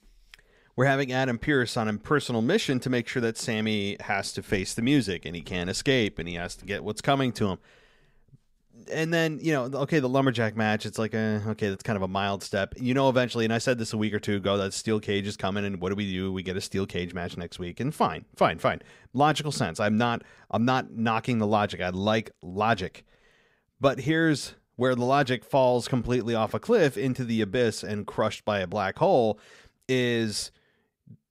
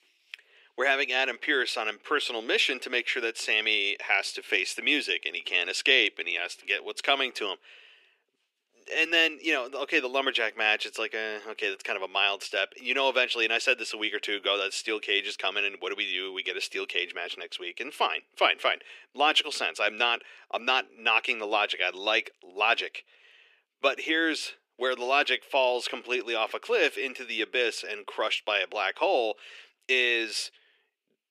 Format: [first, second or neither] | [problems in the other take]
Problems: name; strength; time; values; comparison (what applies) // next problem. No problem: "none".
first | thin; very; fading below 350 Hz